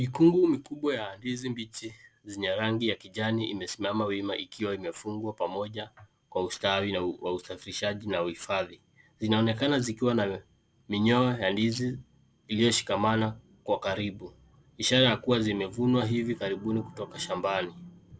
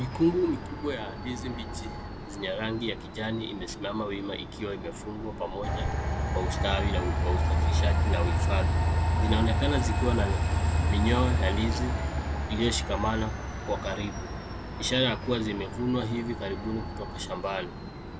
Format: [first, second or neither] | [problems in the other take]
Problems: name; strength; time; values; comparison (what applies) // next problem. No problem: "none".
first | background sound (Train); 3 dB above the speech